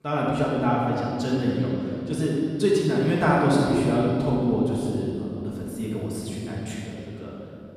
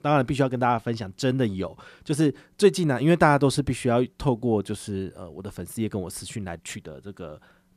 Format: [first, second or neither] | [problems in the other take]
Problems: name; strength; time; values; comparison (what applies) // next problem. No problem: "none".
second | off-mic speech; far // room echo; strong; dies away in 3 s